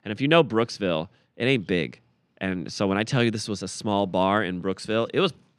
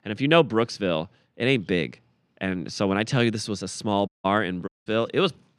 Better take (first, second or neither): first